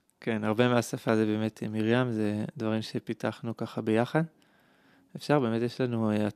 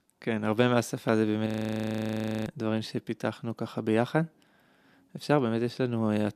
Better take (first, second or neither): first